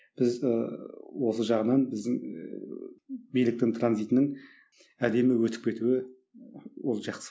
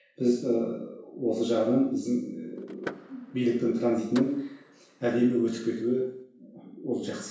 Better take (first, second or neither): first